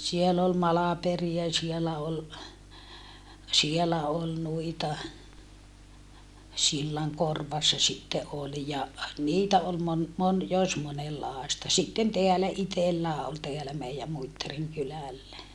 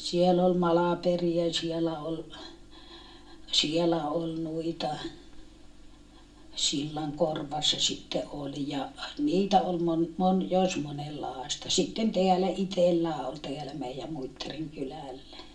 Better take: first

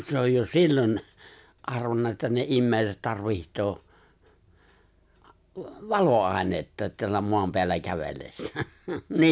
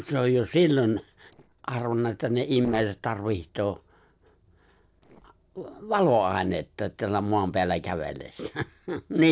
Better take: first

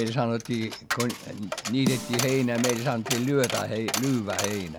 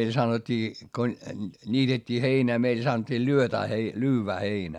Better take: second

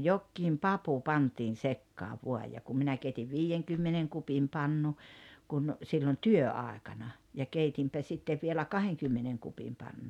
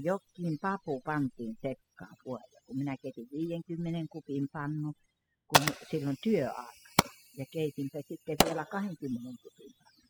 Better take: first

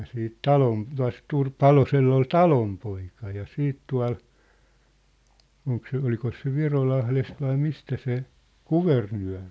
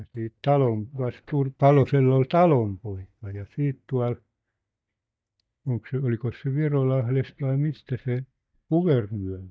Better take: first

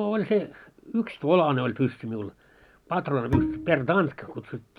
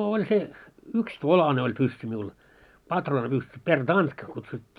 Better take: second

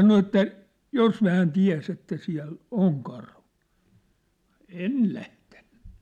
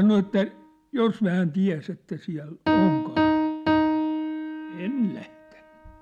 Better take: first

